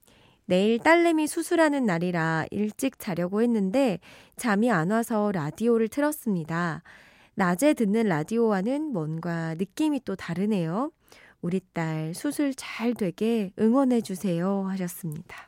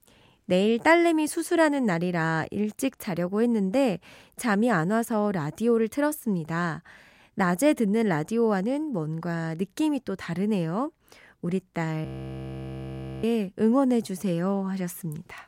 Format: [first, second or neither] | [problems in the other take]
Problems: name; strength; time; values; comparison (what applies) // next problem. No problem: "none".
first | audio freezing; at 12 s for 1 s